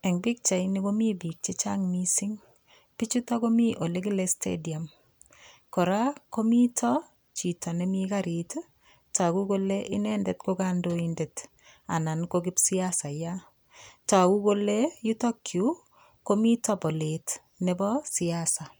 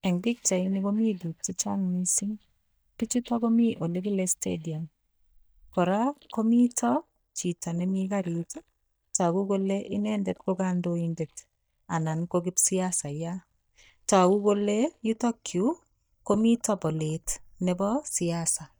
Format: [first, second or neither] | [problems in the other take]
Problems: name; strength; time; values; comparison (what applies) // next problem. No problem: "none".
first | noise reduction (neural mask model DeepFilterNet 3)